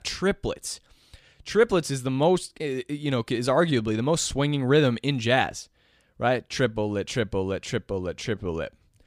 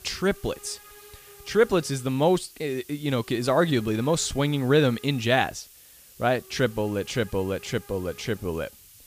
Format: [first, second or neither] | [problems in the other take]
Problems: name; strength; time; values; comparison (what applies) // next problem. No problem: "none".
first | hiss; faint; throughout; 20 dB below the speech